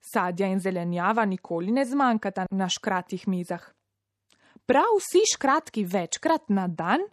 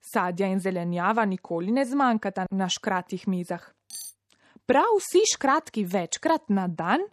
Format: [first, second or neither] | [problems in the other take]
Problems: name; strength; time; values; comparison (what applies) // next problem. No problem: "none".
first | clattering dishes; faint; at 4 s; peak 15 dB below the speech